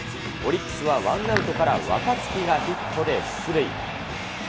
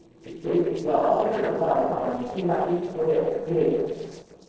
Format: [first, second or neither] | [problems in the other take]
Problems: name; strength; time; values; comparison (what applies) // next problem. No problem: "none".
first | noise reduction (neural separator model SepFormer DNS4)